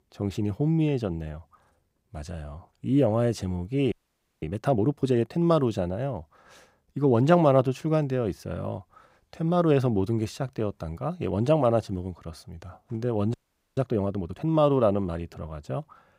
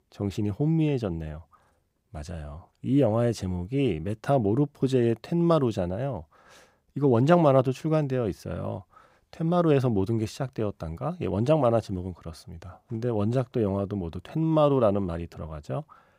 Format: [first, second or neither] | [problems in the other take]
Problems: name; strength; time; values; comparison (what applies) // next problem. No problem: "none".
second | audio freezing; at 4 s for 0.5 s and at 13 s